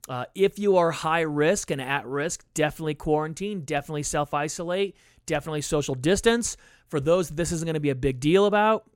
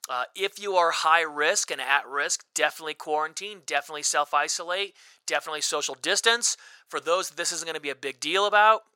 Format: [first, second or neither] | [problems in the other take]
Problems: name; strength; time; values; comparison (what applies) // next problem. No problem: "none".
first | thin; very; fading below 800 Hz